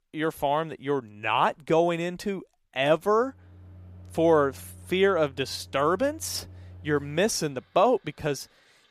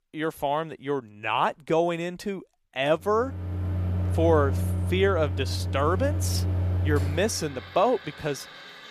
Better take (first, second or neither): first